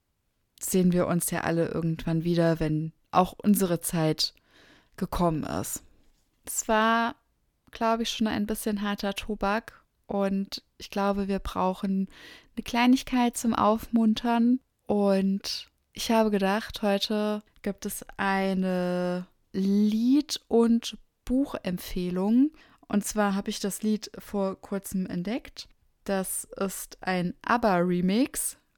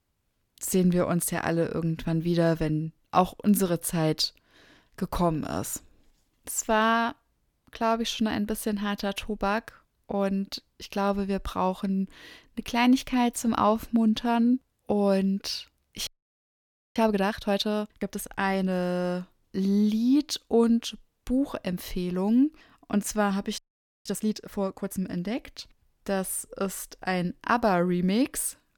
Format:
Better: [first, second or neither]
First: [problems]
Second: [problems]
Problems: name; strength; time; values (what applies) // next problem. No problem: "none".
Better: first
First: none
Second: audio freezing; at 16 s for 1 s and at 24 s